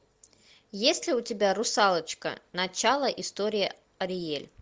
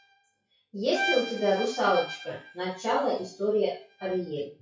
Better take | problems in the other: first | noise reduction (classical method WPE with log-MMSE)

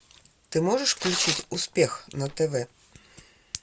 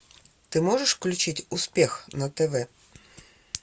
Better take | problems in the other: second | background sound (Tearing); 6 dB below the speech

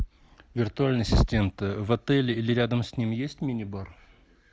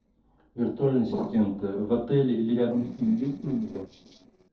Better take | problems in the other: first | noise reduction (neural separator model SepFormer DNS4)

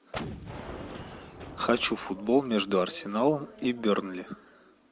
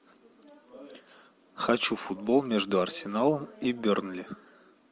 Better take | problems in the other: second | background sound (Gunshot, gunfire); 15 dB below the speech

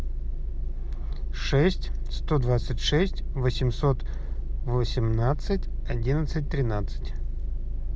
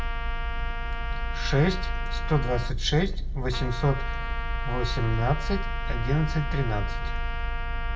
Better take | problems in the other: first | background sound (Trumpet); 11 dB below the speech // room echo; dies away in 0.5 s

